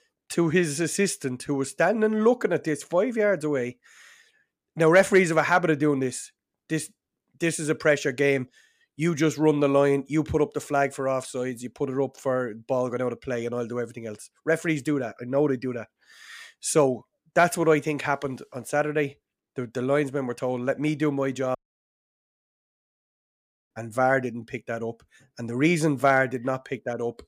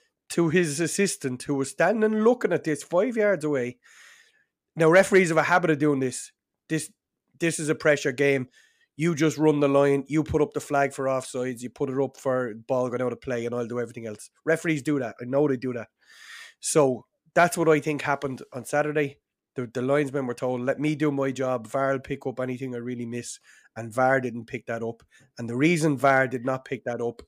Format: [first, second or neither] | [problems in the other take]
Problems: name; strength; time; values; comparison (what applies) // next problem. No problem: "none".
second | audio cutting out; at 22 s for 2 s